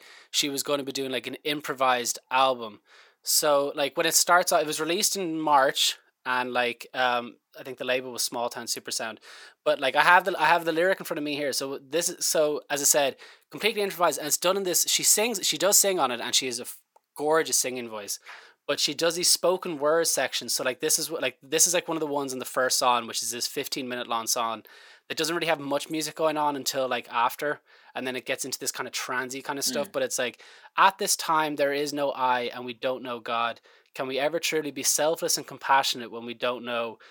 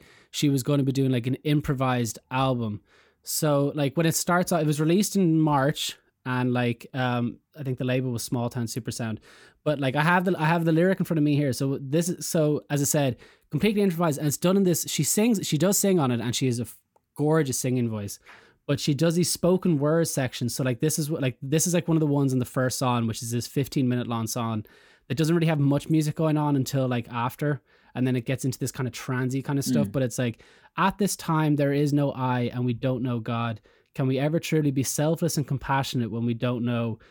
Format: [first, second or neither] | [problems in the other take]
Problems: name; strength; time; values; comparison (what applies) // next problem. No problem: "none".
second | thin; very; fading below 650 Hz